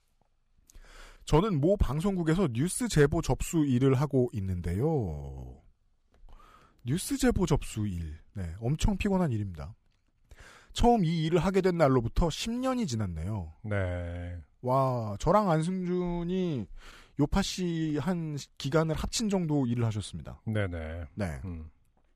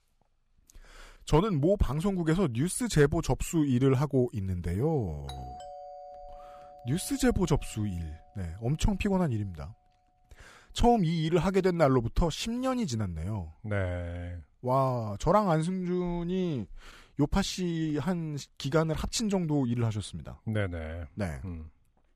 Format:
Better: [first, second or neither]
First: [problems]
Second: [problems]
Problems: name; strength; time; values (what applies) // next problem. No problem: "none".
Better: first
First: none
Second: doorbell; faint; from 5.5 to 8 s; peak 15 dB below the speech